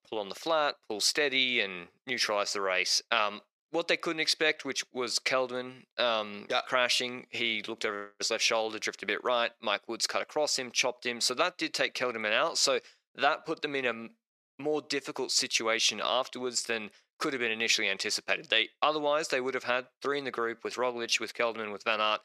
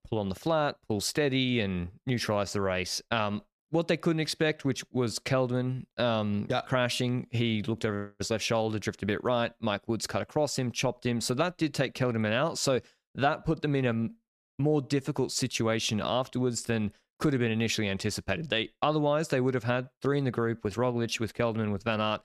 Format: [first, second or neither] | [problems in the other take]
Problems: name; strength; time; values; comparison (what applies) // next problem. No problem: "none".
second | thin; somewhat; fading below 450 Hz